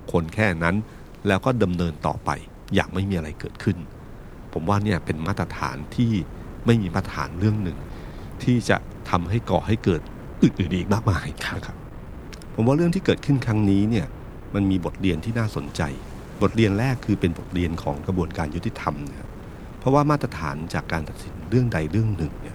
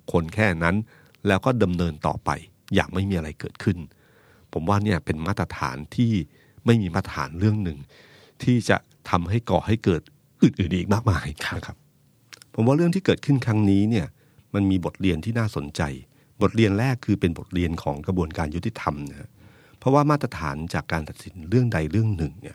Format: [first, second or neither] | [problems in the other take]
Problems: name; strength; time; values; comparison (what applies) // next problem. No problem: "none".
second | wind noise on the microphone; occasional gusts; 15 dB below the speech